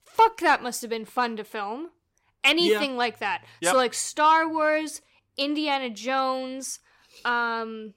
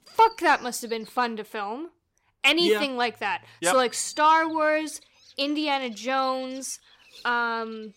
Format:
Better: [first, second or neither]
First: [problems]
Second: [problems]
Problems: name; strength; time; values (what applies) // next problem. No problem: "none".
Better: first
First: none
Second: animal sounds; faint; throughout; 25 dB below the speech